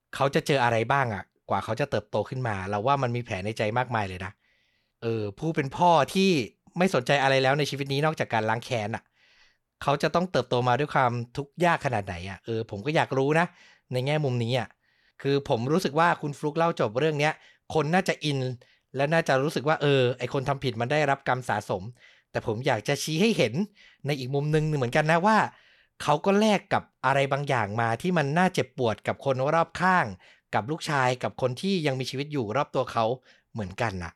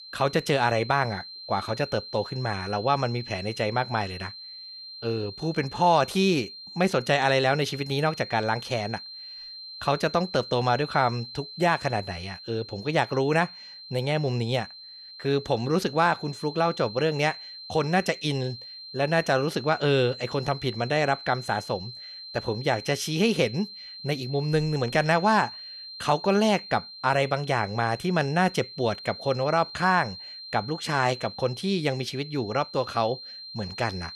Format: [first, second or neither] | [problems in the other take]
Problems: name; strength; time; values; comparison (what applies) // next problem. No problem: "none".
first | high-pitched whine; noticeable; throughout; 4 kHz, 15 dB below the speech